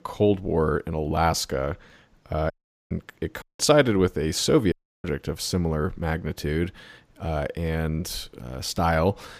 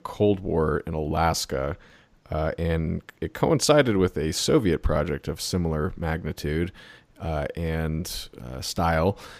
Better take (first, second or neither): second